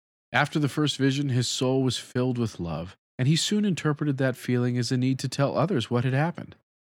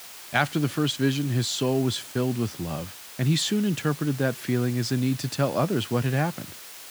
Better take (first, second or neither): first